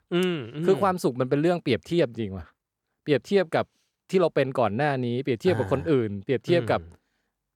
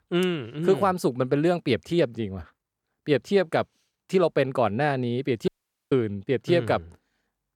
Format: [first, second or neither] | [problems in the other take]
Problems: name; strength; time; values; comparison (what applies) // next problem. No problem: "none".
first | audio cutting out; at 5.5 s